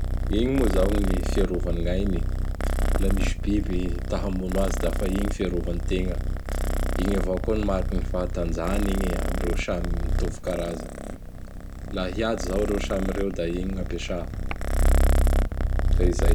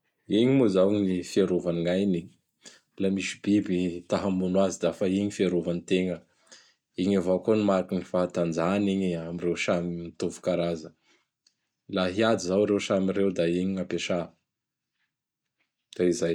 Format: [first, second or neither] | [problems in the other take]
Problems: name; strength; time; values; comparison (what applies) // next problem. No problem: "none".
second | background sound (Purr); 5 dB above the speech